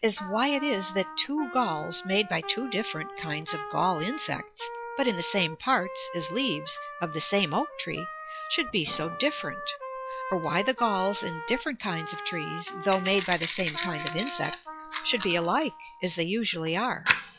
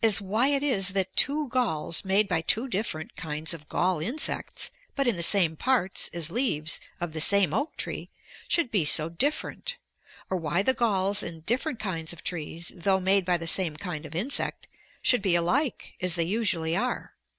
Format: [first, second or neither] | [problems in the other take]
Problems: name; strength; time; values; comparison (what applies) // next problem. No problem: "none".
second | noise reduction (classical method log-MMSE)